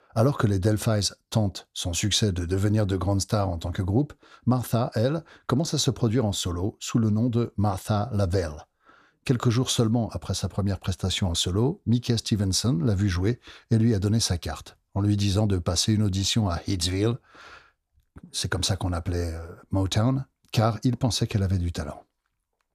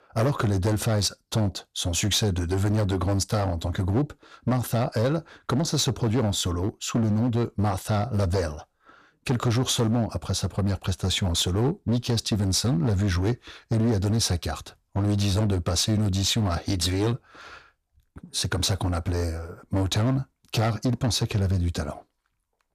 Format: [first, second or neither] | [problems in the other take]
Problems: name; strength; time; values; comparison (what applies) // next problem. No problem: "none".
first | distortion; slight; 11% of the sound clipped